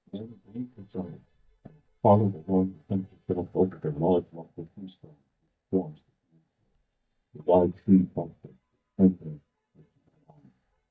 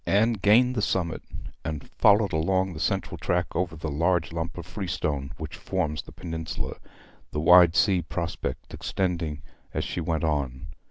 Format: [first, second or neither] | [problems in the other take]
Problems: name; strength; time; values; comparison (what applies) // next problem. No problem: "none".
second | noise reduction (neural mask model DeepFilterNet 3)